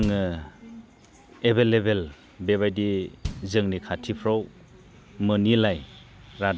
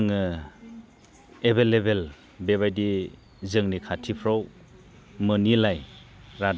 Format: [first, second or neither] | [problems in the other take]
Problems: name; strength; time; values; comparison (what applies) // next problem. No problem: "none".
second | background sound (Bass drum); 17 dB below the speech